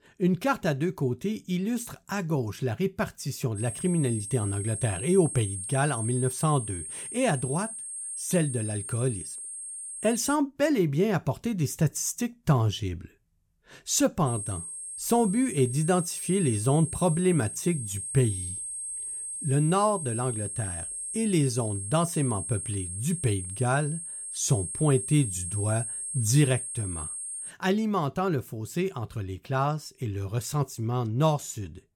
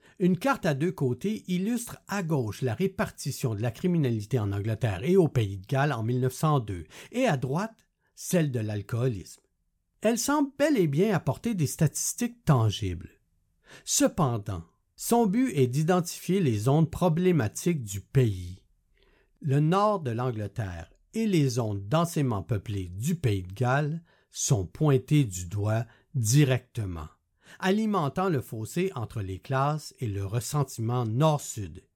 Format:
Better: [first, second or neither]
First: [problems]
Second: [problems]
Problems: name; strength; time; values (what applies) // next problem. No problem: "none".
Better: second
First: high-pitched whine; loud; from 3.5 to 10 s and from 14 to 28 s; 8.5 kHz, 6 dB below the speech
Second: none